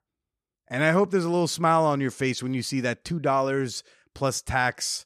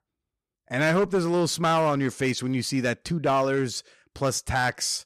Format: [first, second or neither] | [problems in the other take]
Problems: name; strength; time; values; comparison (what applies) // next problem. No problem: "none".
first | distortion; slight; 6% of the sound clipped